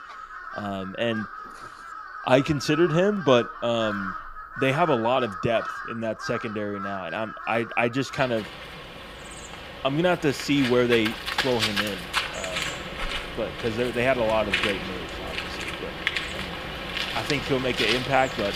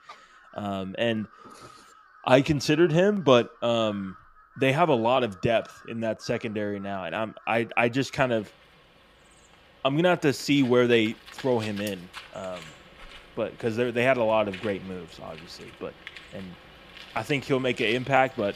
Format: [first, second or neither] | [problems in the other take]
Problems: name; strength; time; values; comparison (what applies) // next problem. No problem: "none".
second | animal sounds; loud; throughout; 6 dB below the speech; faint in the second